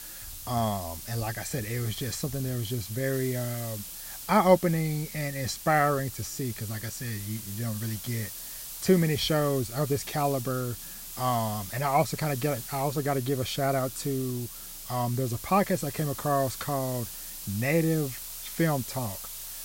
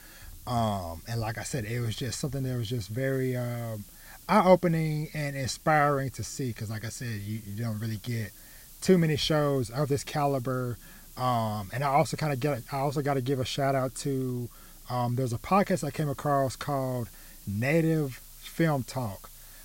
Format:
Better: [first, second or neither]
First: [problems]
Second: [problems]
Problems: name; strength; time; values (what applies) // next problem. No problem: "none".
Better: second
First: hiss; loud; throughout; 9 dB below the speech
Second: hiss; faint; throughout; 20 dB below the speech